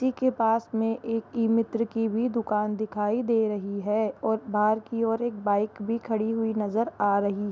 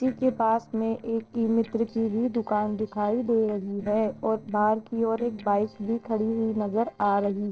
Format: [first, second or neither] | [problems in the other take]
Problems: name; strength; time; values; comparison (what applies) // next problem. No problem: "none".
first | noise reduction (neural separator model SepFormer DNS4)